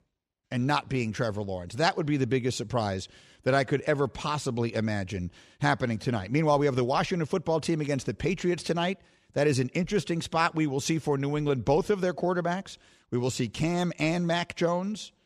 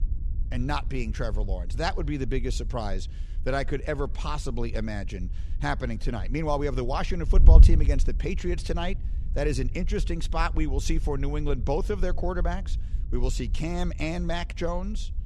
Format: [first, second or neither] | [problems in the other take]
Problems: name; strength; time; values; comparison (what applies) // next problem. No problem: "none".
first | wind noise on the microphone; occasional gusts; 15 dB below the speech